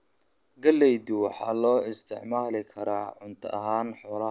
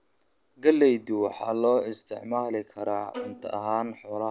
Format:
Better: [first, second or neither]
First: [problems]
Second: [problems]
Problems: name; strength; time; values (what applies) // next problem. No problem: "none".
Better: first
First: none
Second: background sound (Bowed string instrument); 13 dB below the speech